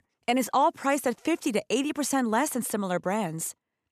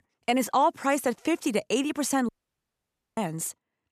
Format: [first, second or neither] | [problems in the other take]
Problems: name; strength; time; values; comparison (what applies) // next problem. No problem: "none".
first | audio cutting out; at 2.5 s for 1 s